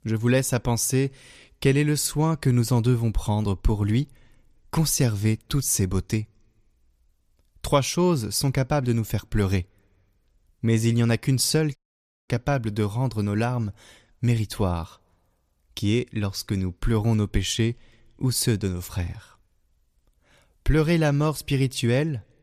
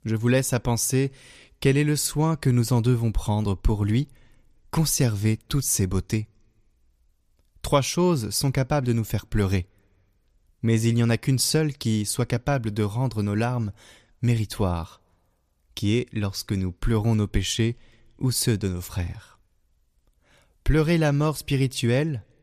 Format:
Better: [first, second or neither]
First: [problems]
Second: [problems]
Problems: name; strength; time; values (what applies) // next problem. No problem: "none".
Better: second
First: audio cutting out; at 12 s for 0.5 s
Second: none